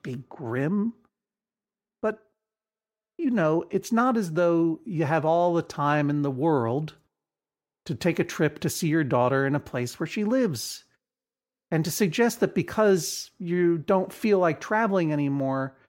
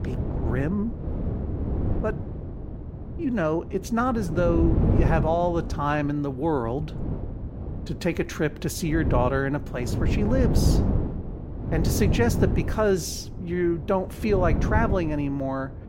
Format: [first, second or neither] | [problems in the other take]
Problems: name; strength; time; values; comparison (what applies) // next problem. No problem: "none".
first | wind noise on the microphone; heavy; 9 dB below the speech